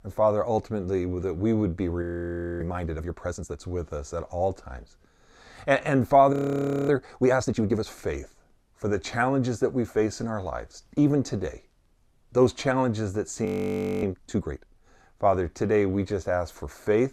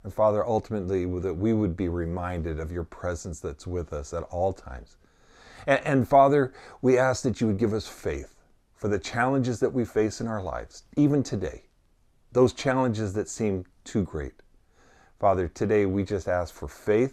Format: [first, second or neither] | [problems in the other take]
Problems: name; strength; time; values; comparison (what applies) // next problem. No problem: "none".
second | audio freezing; at 2 s for 0.5 s, at 6.5 s for 0.5 s and at 13 s for 0.5 s